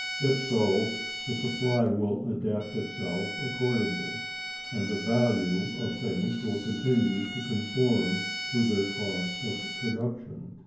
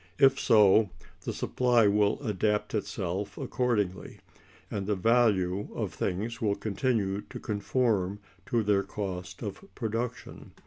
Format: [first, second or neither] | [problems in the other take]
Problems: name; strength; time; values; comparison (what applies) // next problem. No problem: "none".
second | background sound (Bowed string instrument); 8 dB below the speech // room echo; dies away in 0.9 s